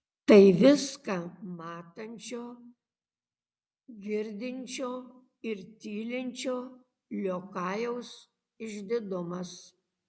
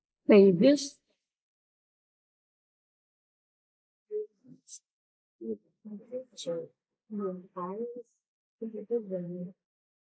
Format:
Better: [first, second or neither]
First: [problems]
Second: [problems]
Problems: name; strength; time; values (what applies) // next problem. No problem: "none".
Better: first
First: none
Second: noise reduction (neural mask model Resemble Enhance denoiser)